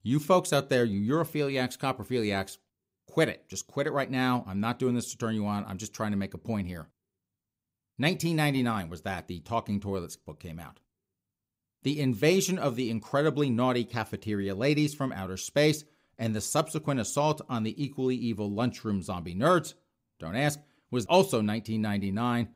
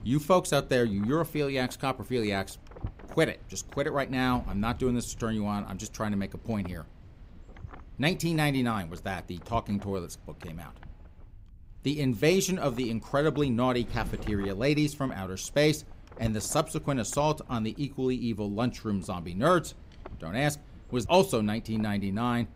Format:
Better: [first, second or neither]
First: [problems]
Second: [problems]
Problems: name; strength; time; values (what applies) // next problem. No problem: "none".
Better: first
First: none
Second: wind noise on the microphone; occasional gusts; 25 dB below the speech